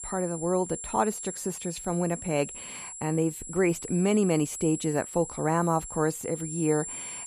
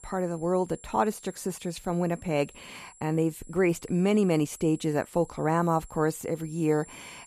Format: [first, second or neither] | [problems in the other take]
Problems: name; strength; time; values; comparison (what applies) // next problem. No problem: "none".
second | high-pitched whine; loud; throughout; 7.5 kHz, 9 dB below the speech; faint in the second